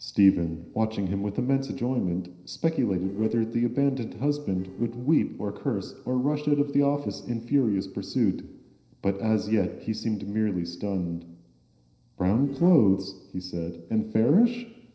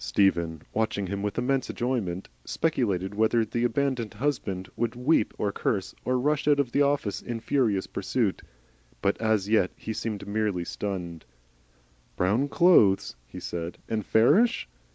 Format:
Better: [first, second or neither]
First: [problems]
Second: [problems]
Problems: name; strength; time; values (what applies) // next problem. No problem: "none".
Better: second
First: noise reduction (neural separator model SepFormer DNS4)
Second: none